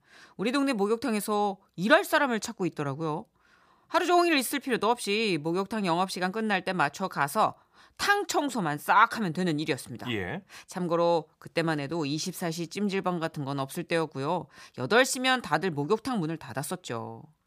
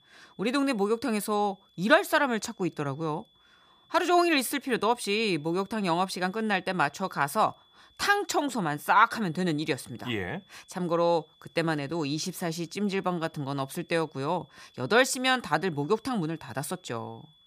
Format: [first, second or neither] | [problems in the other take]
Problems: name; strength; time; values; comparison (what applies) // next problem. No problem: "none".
first | high-pitched whine; faint; throughout; 3.5 kHz, 30 dB below the speech